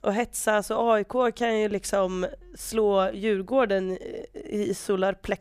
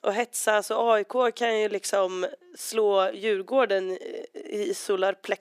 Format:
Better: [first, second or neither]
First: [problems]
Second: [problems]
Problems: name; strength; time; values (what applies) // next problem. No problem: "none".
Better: first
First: none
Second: thin; somewhat; fading below 300 Hz